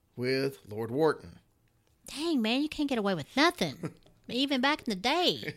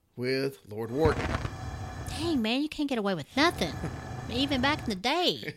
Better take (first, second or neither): first